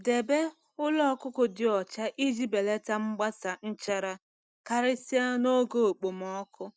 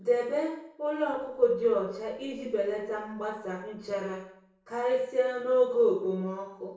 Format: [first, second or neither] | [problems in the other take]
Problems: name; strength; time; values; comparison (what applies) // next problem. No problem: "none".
first | noise reduction (neural separator model SepFormer DNS4)